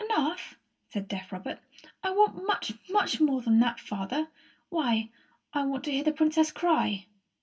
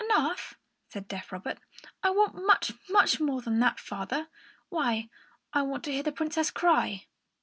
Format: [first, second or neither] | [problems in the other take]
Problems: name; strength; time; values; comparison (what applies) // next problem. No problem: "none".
second | room echo; dies away in 0.2 s